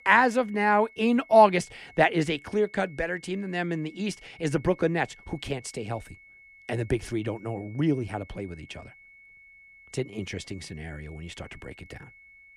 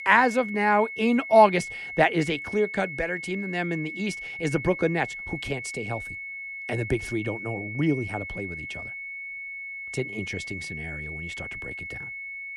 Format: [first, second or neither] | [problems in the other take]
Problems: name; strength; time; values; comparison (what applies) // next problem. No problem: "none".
first | high-pitched whine; loud; throughout; 2 kHz, 9 dB below the speech; faint in the first